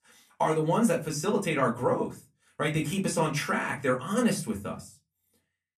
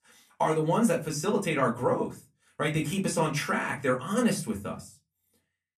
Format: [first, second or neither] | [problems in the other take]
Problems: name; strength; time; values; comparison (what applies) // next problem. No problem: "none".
neither | off-mic speech; somewhat distant; the same in both // room echo; very slight; dies away in 0.2 s; the same in both